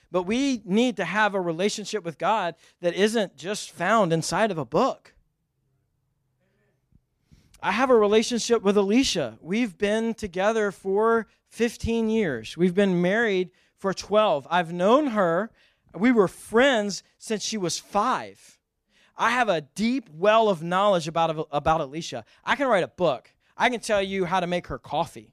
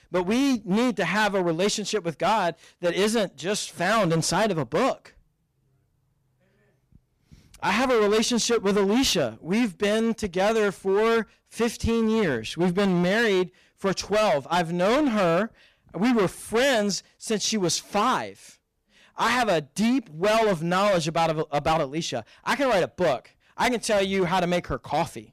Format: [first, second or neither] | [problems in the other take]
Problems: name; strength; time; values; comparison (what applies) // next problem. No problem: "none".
first | distortion; heavy; 16% of the sound clipped